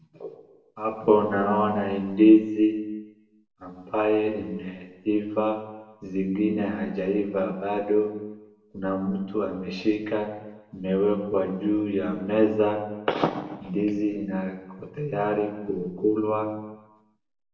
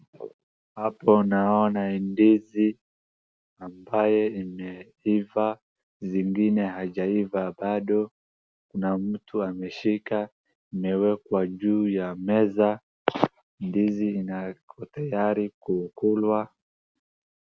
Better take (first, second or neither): second